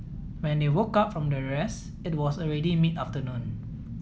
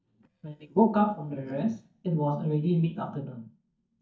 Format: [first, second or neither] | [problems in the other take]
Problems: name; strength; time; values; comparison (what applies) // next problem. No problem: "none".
first | noise reduction (neural mask model DeepFilterNet 3)